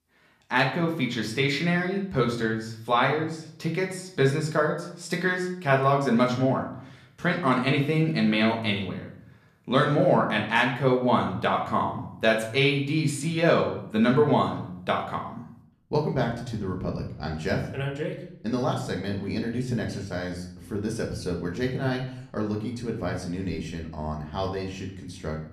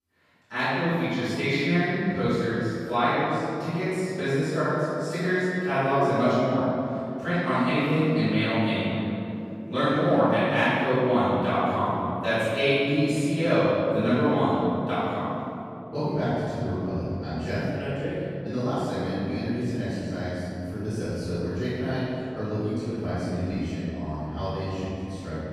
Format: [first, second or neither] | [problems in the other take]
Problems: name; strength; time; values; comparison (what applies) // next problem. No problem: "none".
first | room echo; strong; dies away in 3 s; slight in the first // off-mic speech; far; somewhat distant in the first